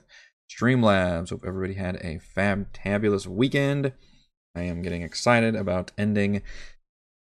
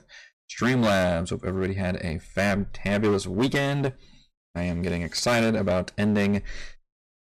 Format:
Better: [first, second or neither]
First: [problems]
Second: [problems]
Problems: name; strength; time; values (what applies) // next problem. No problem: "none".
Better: first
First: none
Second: distortion; heavy; 12% of the sound clipped